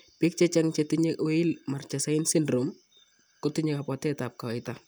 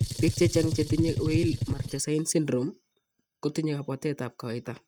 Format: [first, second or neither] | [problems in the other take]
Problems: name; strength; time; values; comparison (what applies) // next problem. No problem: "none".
first | noise reduction (neural mask model RNNoise)